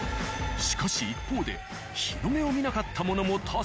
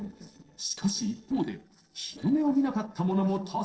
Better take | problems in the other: first | noise reduction (neural separator model SepFormer DNS4)

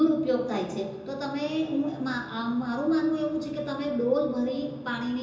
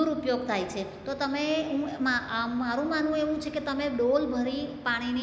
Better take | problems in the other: second | room echo; dies away in 0.7 s

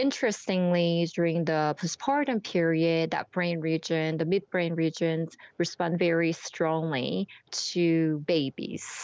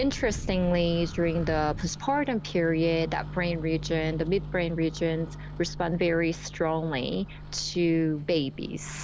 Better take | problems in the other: first | background sound (Microwave oven); 10 dB below the speech

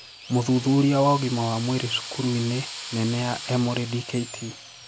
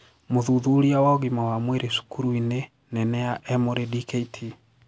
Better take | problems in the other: second | background sound (Drill); 13 dB below the speech

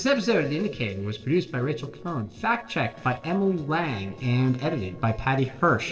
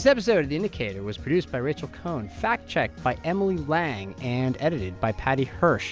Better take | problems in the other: second | noise reduction (neural separator model SepFormer DNS4)

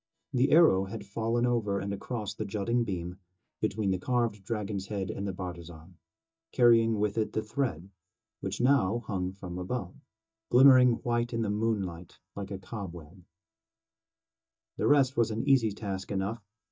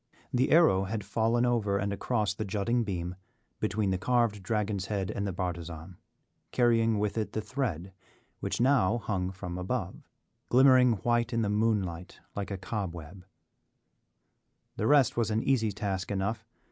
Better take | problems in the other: second | noise reduction (neural mask model DeepFilterNet 3)

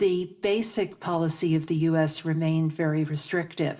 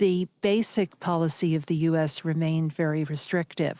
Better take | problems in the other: second | room echo; dies away in 0.4 s

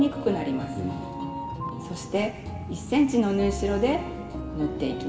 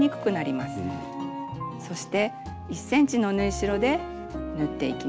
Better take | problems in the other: second | background sound (Motorcycle); 15 dB below the speech // room echo; dies away in 1.7 s

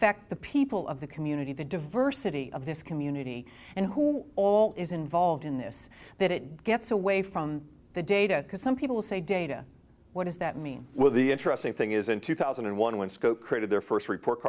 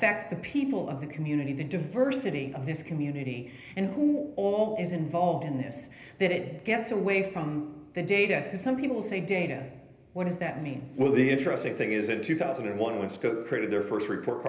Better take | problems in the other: first | room echo; dies away in 0.8 s

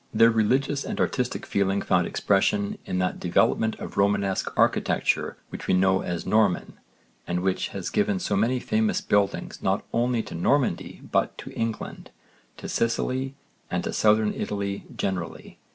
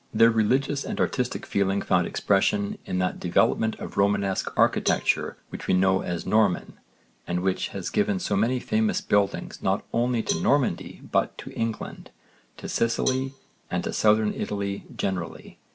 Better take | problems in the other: first | background sound (Cowbell); 14 dB below the speech

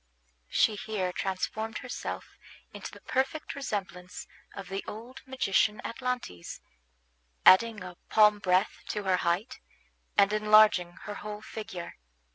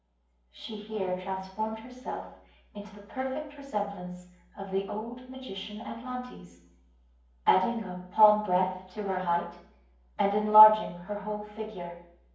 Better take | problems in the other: first | room echo; dies away in 0.9 s

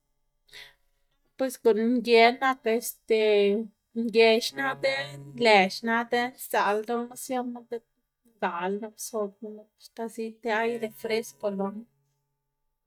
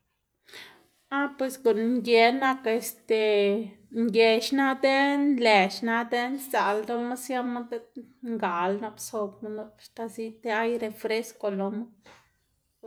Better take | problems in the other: second | noise reduction (neural mask model DeepFilterNet 3)

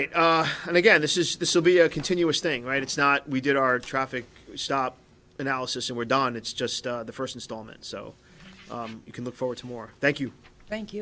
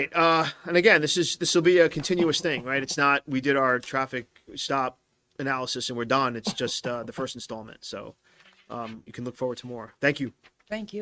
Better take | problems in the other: first | noise reduction (neural mask model RNNoise)

